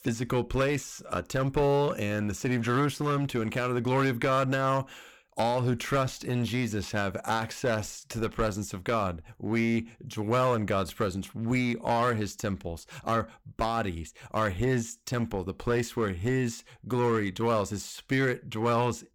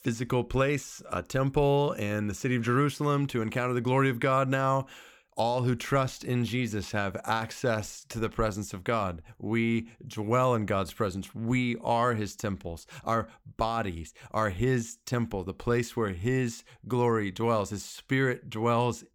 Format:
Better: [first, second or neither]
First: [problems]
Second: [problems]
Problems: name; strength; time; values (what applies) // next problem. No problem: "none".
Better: second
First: distortion; slight; 8% of the sound clipped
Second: none